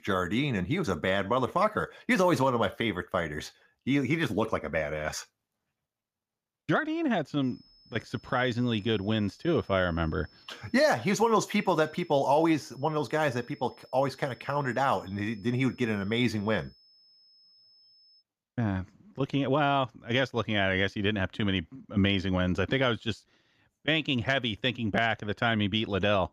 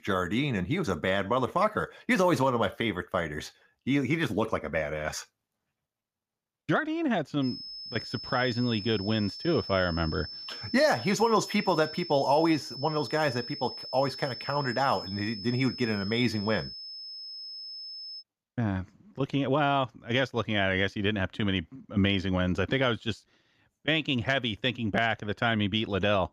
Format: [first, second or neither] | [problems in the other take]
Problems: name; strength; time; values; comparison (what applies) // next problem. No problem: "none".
first | high-pitched whine; loud; from 7.5 to 18 s; 5 kHz, 10 dB below the speech; faint in the first